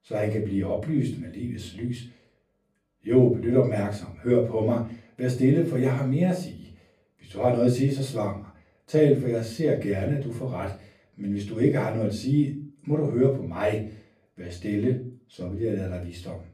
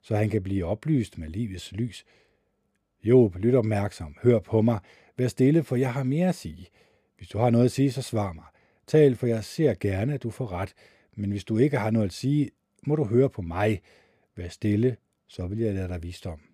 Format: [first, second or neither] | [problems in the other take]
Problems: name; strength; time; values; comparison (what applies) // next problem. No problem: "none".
second | off-mic speech; far // room echo; slight; dies away in 0.3 s